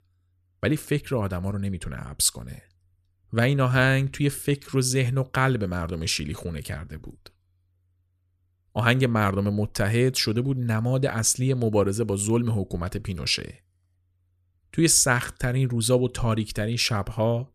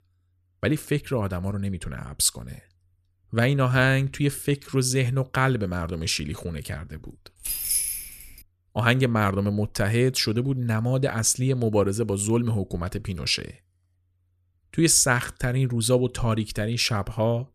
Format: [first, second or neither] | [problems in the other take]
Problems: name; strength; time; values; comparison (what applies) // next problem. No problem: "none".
first | jangling keys; loud; at 7.5 s; peak 1 dB above the speech